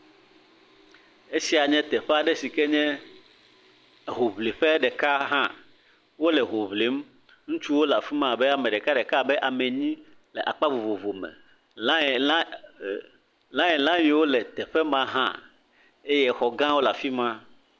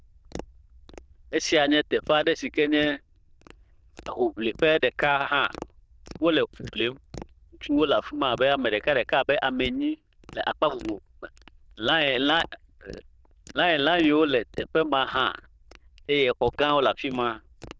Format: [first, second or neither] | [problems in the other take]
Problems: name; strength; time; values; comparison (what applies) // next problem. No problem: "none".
first | noise reduction (neural diffusion model UNIVERSE++)